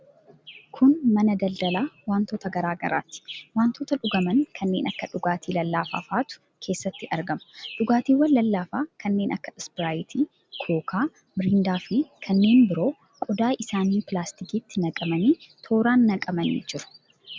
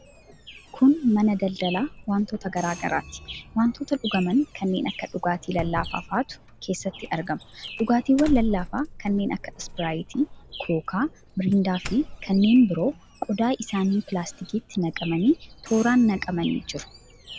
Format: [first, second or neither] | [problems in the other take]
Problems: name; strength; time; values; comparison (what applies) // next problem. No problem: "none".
first | background sound (Doorbell); 15 dB below the speech